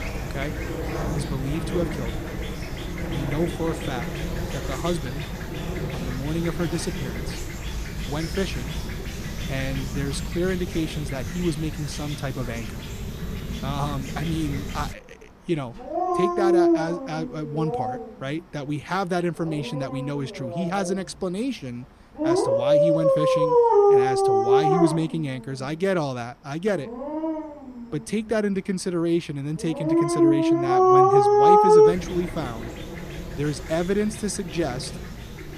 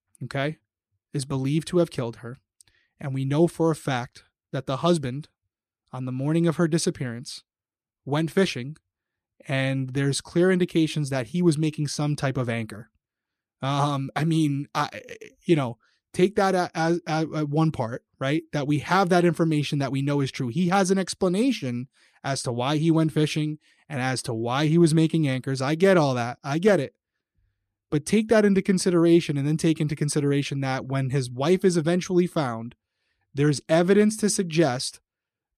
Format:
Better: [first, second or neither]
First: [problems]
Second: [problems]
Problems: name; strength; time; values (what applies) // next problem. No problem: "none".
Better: second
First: animal sounds; very loud; throughout; 5 dB above the speech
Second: none